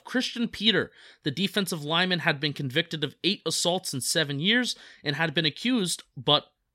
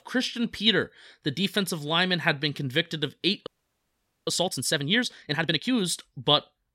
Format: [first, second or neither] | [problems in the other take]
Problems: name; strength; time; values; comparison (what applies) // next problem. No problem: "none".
first | audio freezing; at 3.5 s for 1 s